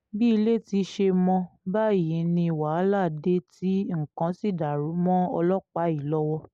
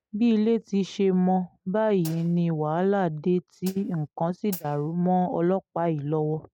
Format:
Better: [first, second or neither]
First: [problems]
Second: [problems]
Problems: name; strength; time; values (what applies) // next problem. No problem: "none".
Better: first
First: none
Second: noise reduction (neural mask model RNNoise)